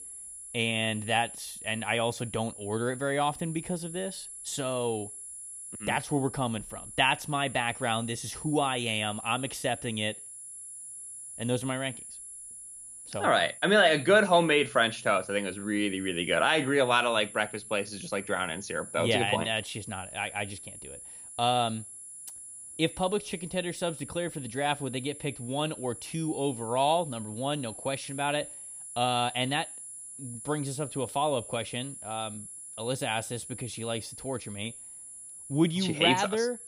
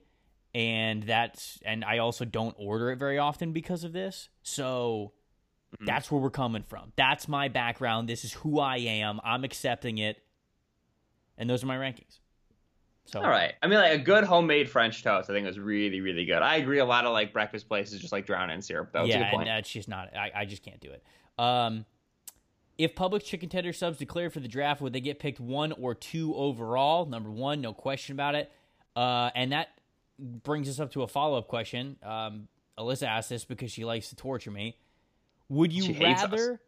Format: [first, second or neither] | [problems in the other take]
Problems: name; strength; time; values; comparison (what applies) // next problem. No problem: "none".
second | high-pitched whine; noticeable; throughout; 10.5 kHz, 10 dB below the speech